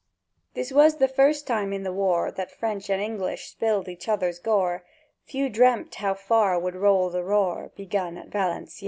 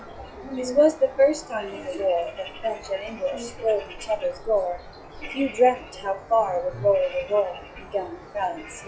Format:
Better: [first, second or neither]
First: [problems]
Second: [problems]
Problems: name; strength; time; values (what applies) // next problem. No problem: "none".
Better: first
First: none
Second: noise reduction (classical method log-MMSE)